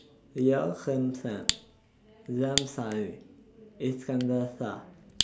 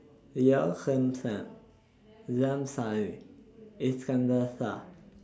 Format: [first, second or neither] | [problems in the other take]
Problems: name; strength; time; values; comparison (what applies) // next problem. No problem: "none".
second | background sound (Fire); 7 dB below the speech